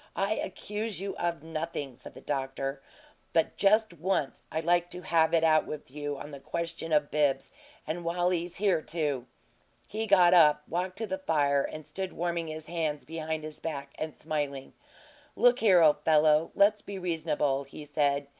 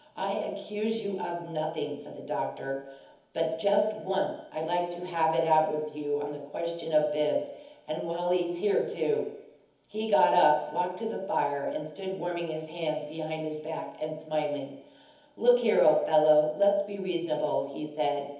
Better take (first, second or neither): first